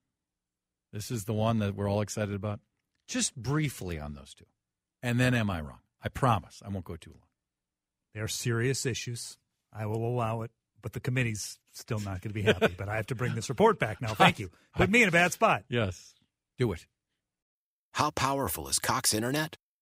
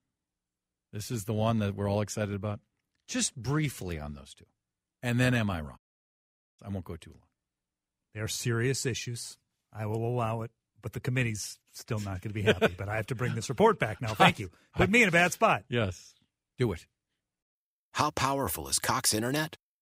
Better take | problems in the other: first | audio cutting out; at 6 s for 1 s

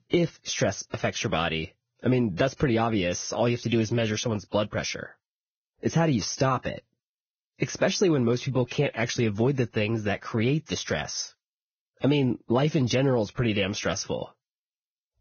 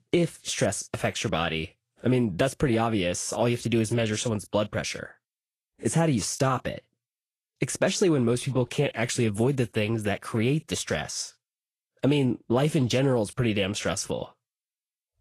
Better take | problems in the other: second | garbled, watery; badly; nothing above 6.5 kHz; slightly in the second

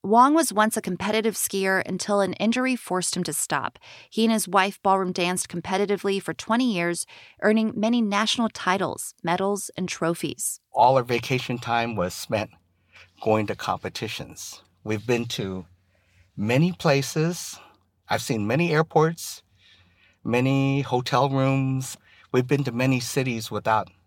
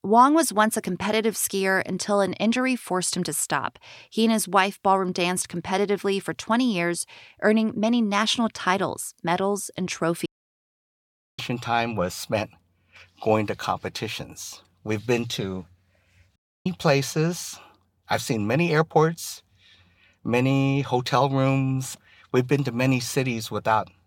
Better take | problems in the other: first | audio cutting out; at 10 s for 1 s and at 16 s

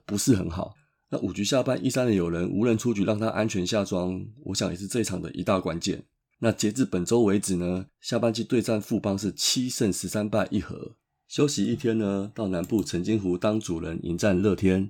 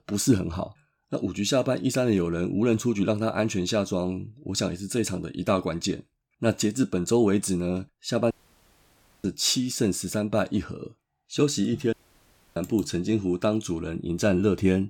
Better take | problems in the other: first | audio cutting out; at 8.5 s for 1 s and at 12 s for 0.5 s

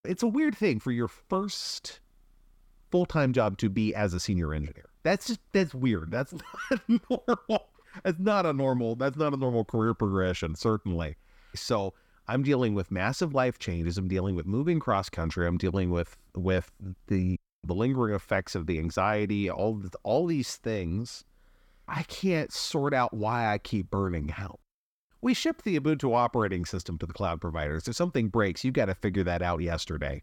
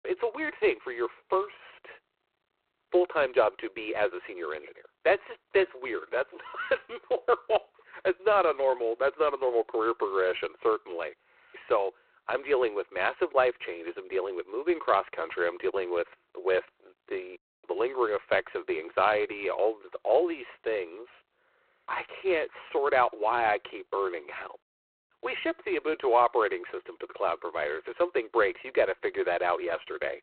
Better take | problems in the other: first | phone-call audio; poor line; nothing above 4 kHz

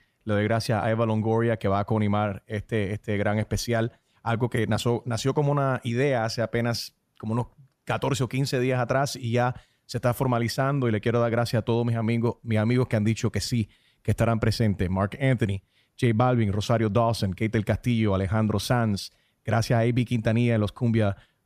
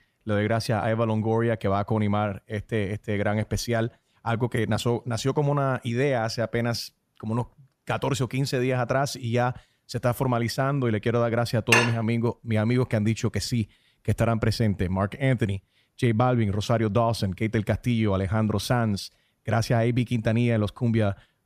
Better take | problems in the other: first | clattering dishes; loud; at 12 s; peak 5 dB above the speech

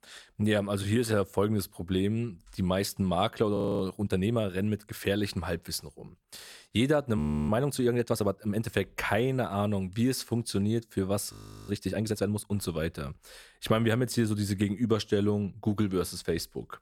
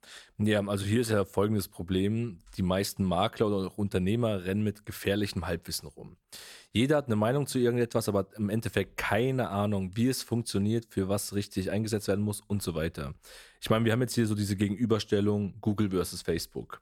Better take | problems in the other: second | audio freezing; at 3.5 s, at 7 s and at 11 s

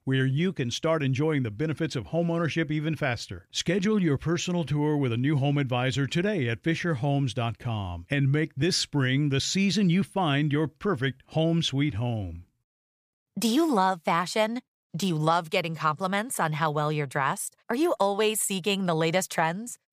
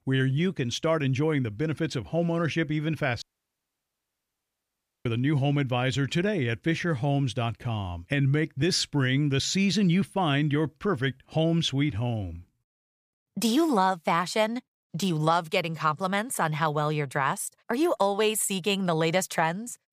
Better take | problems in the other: first | audio cutting out; at 3 s for 2 s

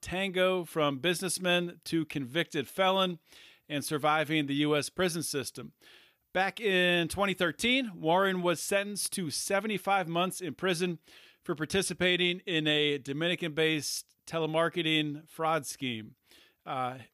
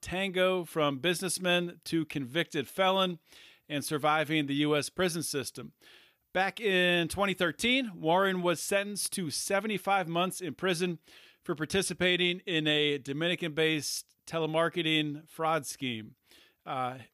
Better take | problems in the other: neither | none

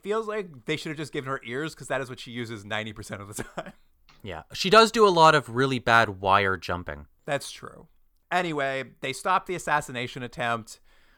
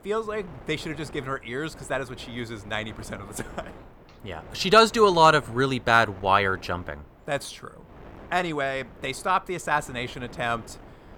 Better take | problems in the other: first | wind noise on the microphone; occasional gusts; 25 dB below the speech

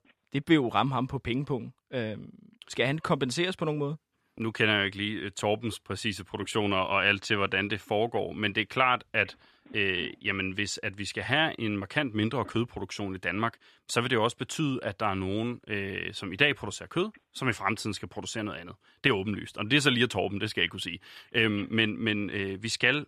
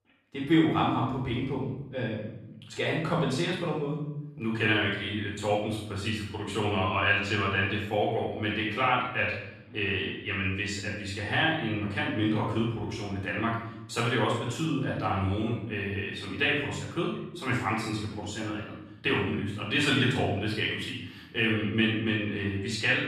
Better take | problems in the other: first | off-mic speech; far // room echo; noticeable; dies away in 0.9 s

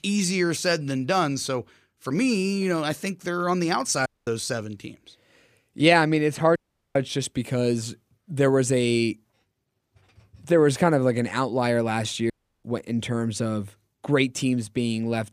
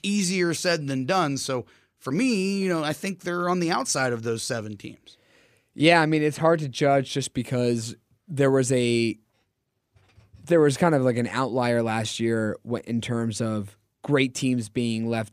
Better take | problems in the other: second | audio cutting out; at 4 s, at 6.5 s and at 12 s

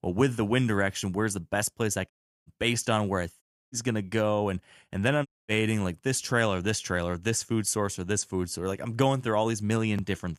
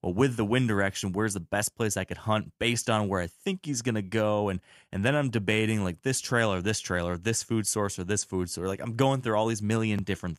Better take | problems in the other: second | audio cutting out; at 2 s, at 3.5 s and at 5.5 s

